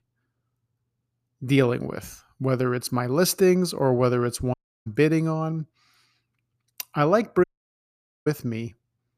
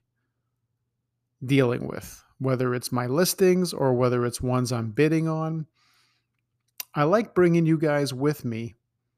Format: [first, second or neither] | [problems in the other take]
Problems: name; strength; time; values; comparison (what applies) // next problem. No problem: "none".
second | audio cutting out; at 4.5 s and at 7.5 s for 1 s